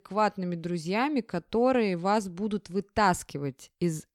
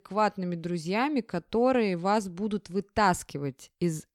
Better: neither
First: none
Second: none

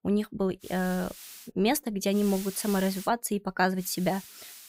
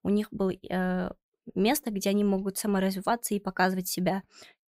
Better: second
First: hiss; noticeable; at 0.5 s, at 2 s and at 4 s; 15 dB below the speech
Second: none

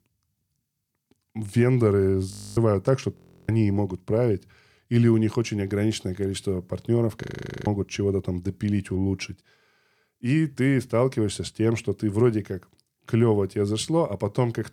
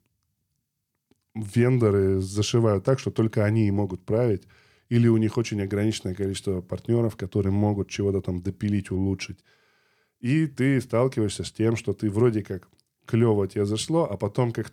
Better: second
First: audio freezing; at 2.5 s, at 3 s and at 7 s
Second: none

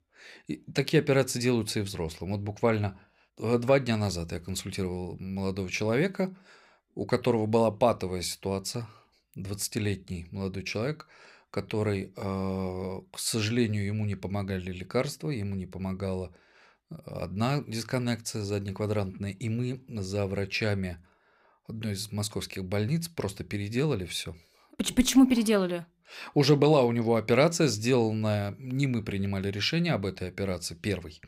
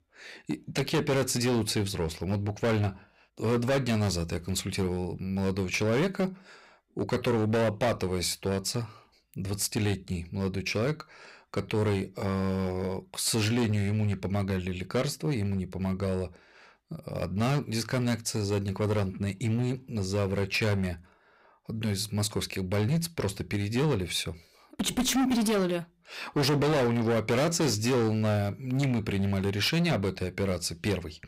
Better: first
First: none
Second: distortion; heavy; 11% of the sound clipped

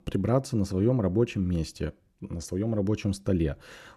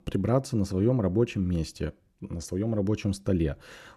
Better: neither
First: none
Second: none

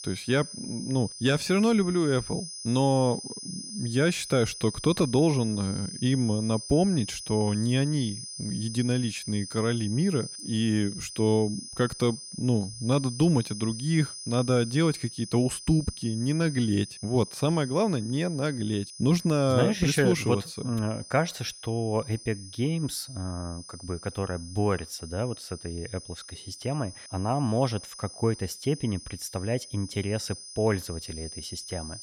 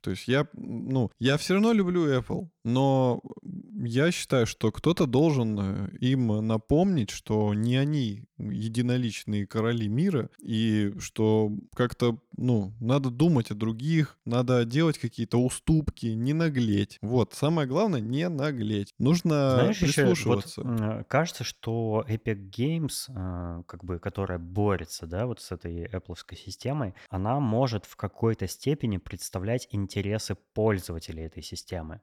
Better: second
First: high-pitched whine; noticeable; throughout; 5 kHz, 10 dB below the speech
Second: none

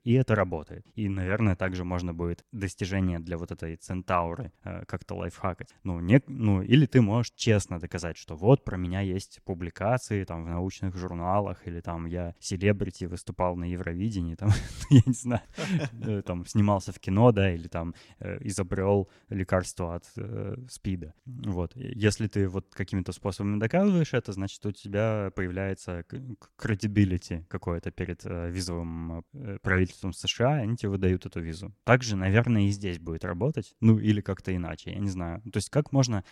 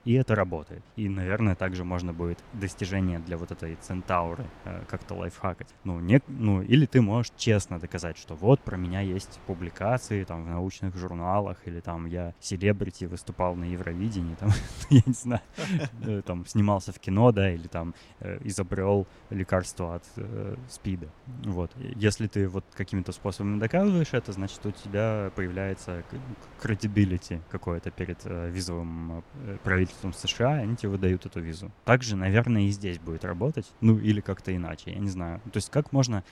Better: first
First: none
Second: wind noise on the microphone; occasional gusts; 20 dB below the speech

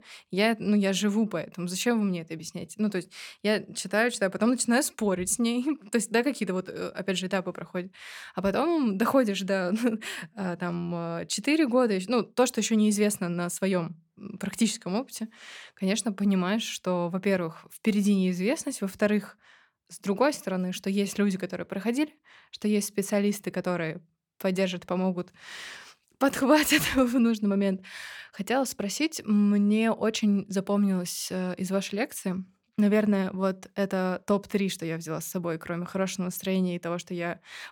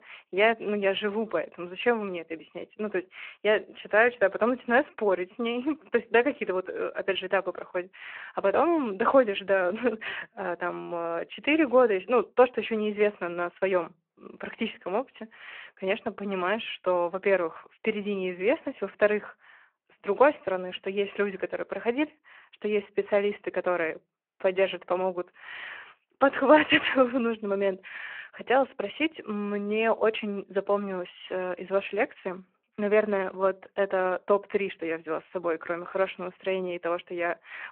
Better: first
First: none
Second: phone-call audio

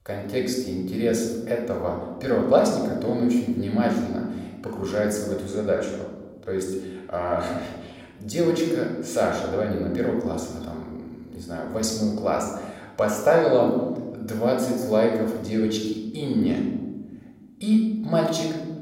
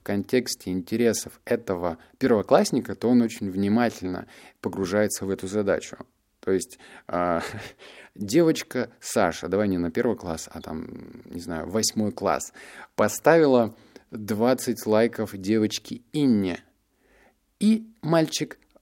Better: second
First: off-mic speech; somewhat distant // room echo; noticeable; dies away in 1.2 s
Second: none

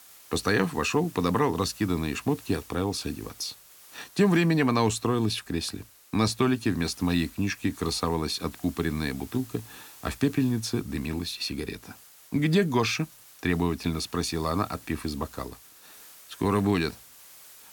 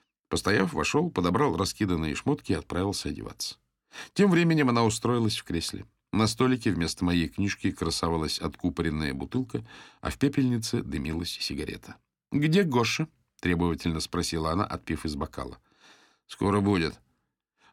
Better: second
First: hiss; faint; throughout; 20 dB below the speech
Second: none

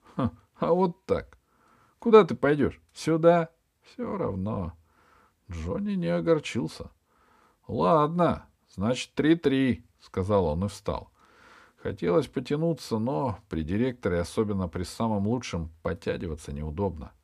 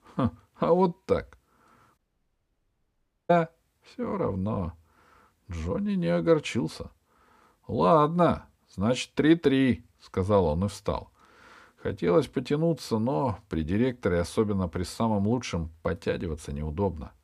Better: first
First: none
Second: audio cutting out; at 2 s for 1.5 s

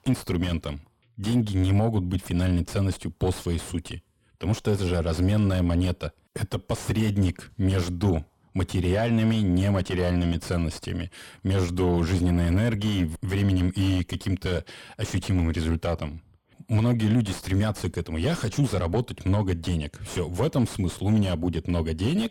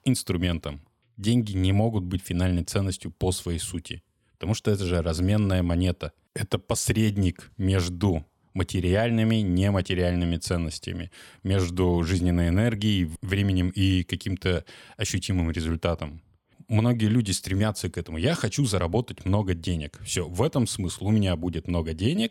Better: second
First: distortion; slight; 9 dB below the speech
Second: none

